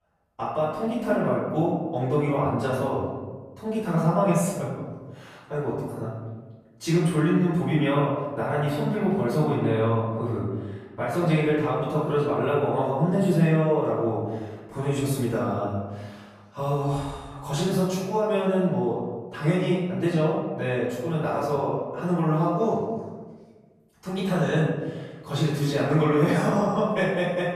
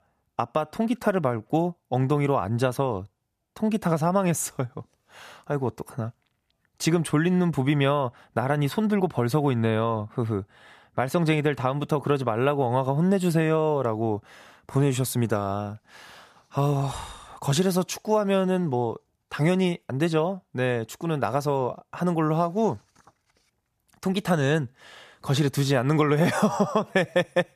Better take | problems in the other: second | room echo; strong; dies away in 1.2 s // off-mic speech; far

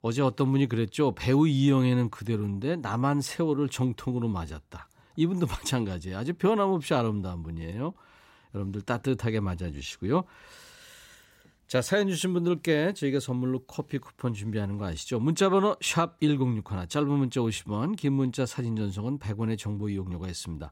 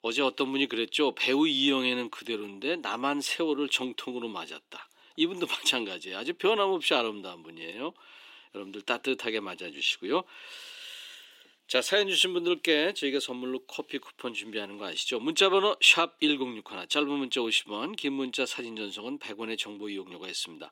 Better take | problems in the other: first | thin; somewhat; fading below 300 Hz

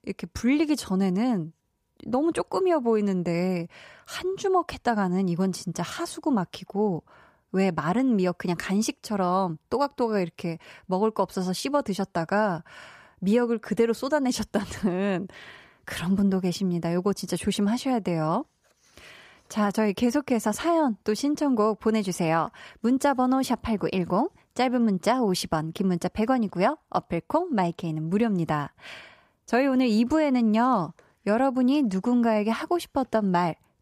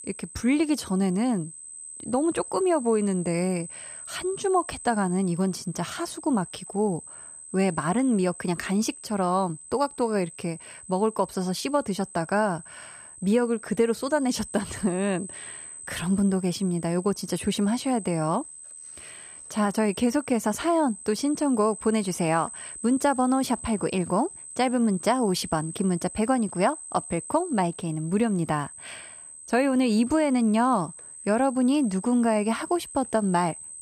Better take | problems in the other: first | high-pitched whine; noticeable; throughout; 8 kHz, 15 dB below the speech

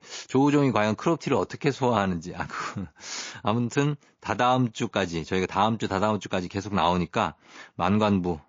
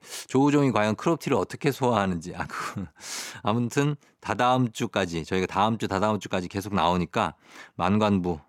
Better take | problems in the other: second | garbled, watery; slightly

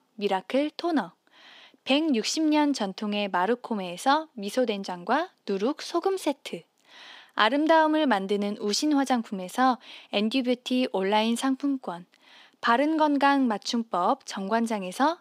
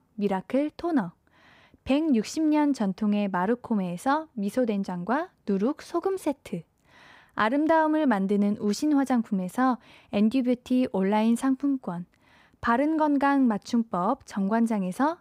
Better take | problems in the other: second | thin; very slightly; fading below 250 Hz

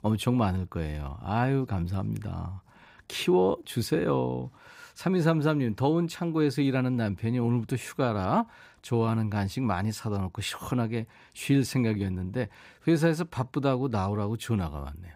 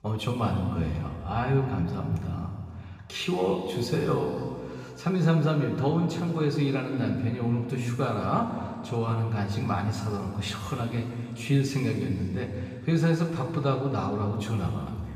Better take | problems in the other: first | room echo; noticeable; dies away in 2.3 s // off-mic speech; far

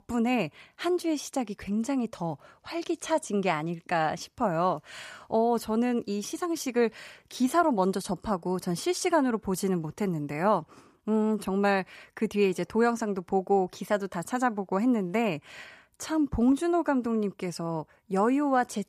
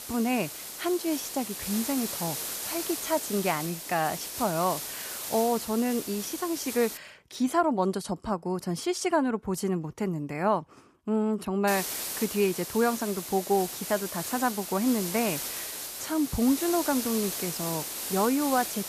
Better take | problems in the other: first | hiss; loud; until 7 s and from 12 s on; 5 dB below the speech

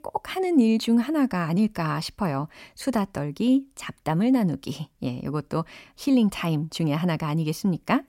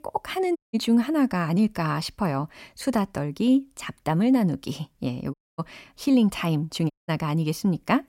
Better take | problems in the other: first | audio cutting out; at 0.5 s, at 5.5 s and at 7 s

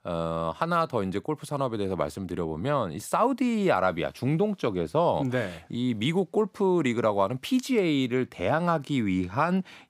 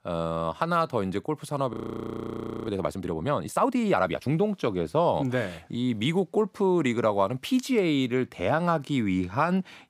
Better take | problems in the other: first | audio freezing; at 1.5 s for 1 s

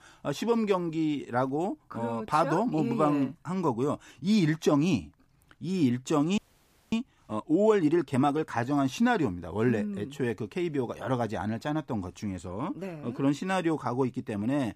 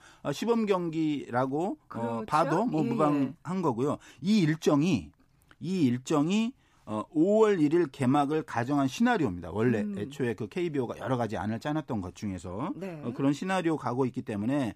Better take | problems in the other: second | audio freezing; at 6.5 s for 0.5 s

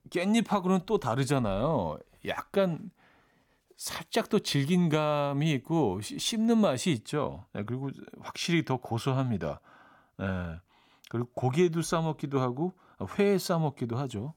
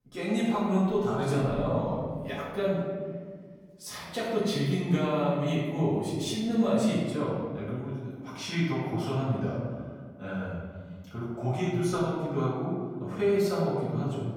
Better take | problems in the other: first | room echo; noticeable; dies away in 1.7 s // off-mic speech; far

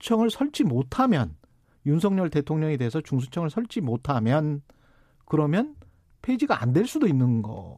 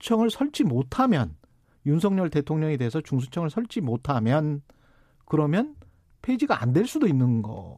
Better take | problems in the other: neither | none

